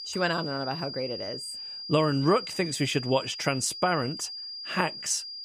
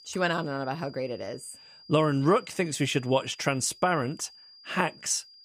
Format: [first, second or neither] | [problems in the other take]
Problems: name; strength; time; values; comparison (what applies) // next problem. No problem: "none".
second | high-pitched whine; loud; throughout; 5 kHz, 8 dB below the speech; faint in the second